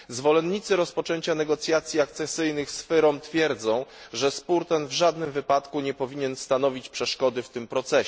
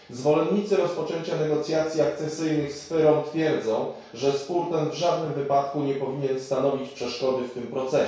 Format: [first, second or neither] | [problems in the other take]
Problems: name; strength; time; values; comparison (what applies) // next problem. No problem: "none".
first | room echo; dies away in 0.6 s